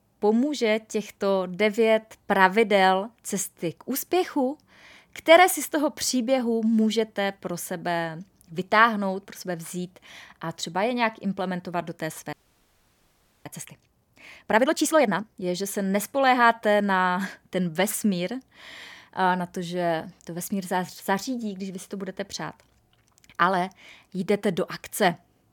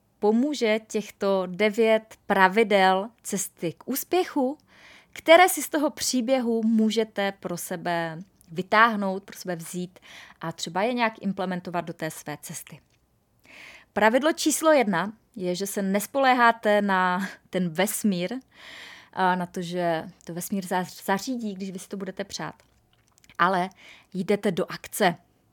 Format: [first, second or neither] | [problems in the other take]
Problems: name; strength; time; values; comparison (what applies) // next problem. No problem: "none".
second | audio freezing; at 12 s for 1 s